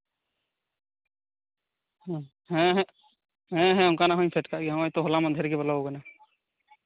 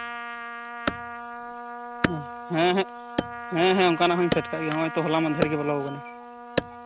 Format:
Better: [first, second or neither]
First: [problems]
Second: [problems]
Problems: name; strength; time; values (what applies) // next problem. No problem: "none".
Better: first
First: none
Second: background sound (Trumpet + Wood); 5 dB below the speech